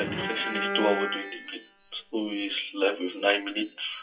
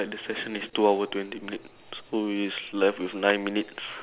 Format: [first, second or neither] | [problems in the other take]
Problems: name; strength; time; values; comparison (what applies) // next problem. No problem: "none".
second | noise reduction (classical method WPE with log-MMSE)